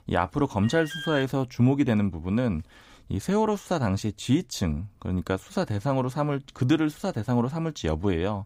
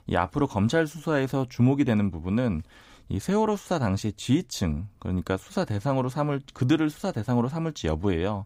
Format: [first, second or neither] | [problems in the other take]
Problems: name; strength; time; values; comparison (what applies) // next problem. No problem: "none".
second | alarm; noticeable; at 0.5 s; peak 7 dB below the speech